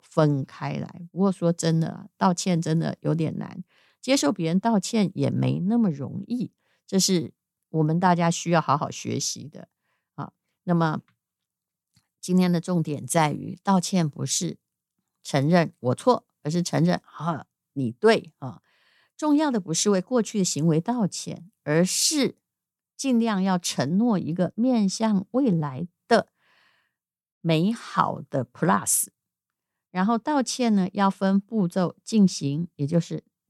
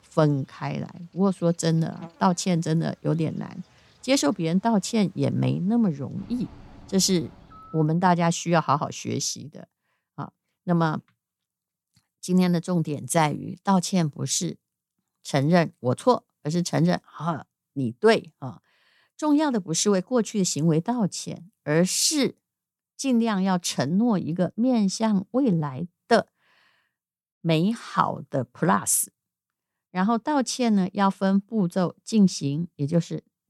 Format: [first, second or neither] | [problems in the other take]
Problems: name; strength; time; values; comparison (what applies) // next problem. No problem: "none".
first | animal sounds; faint; until 7.5 s; 30 dB below the speech